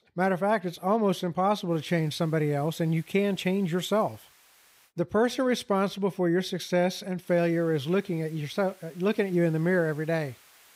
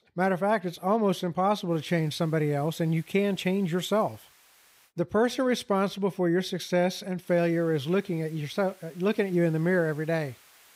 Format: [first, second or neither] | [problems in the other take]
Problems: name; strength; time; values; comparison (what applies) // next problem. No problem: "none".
neither | hiss; faint; from 1.5 to 5 s and from 7 s on; 30 dB below the speech; the same in both